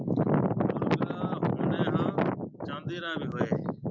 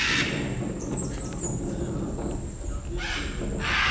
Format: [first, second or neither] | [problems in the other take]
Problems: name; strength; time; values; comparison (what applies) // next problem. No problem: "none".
first | background sound (Bird); 2 dB above the speech // room echo; dies away in 0.7 s